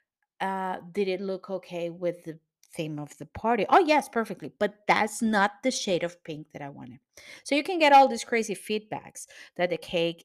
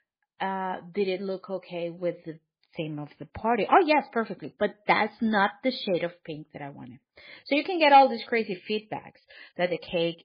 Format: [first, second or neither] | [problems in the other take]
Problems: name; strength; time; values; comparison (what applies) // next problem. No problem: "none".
first | garbled, watery; badly; nothing above 4.5 kHz